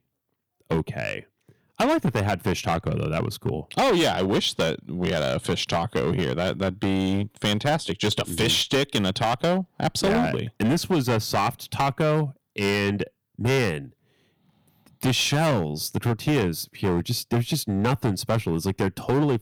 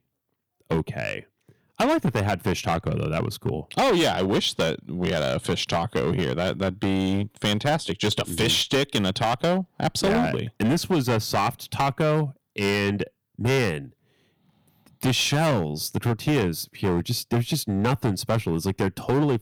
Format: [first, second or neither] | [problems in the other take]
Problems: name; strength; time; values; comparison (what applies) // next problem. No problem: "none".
neither | distortion; heavy; 11% of the sound clipped; the same in both